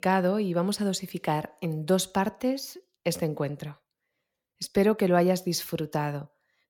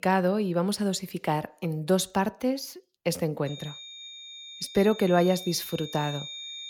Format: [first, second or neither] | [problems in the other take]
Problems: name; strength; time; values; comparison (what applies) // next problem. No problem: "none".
first | high-pitched whine; noticeable; from 3.5 s on; 3.5 kHz, 10 dB below the speech